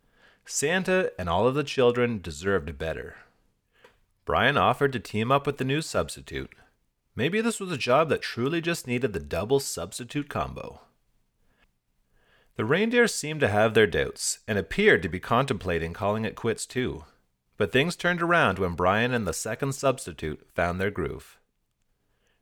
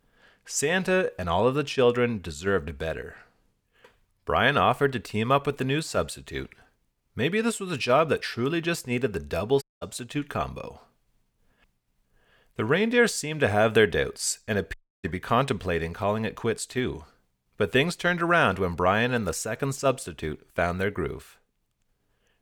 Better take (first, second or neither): first